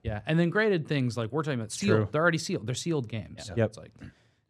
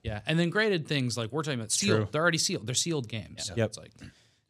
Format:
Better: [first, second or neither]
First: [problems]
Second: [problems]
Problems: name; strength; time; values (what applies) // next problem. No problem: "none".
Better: second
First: muffled; slightly; fading above 2.5 kHz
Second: none